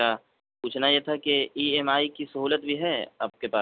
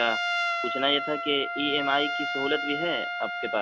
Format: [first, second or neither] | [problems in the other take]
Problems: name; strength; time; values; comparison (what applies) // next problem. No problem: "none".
first | background sound (Trumpet); 1 dB below the speech